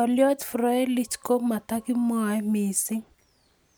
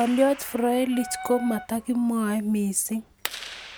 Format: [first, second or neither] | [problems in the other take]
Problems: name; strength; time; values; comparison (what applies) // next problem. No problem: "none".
first | background sound (Clapping + Wind instrument, woodwind instrument); 15 dB below the speech